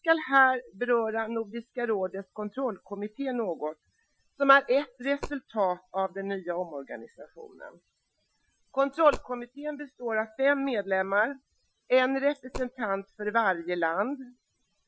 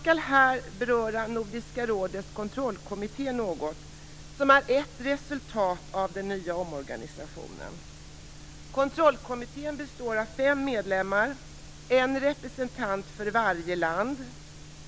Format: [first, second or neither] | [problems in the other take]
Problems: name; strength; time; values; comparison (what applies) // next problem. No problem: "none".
second | noise reduction (classical method Wiener filter)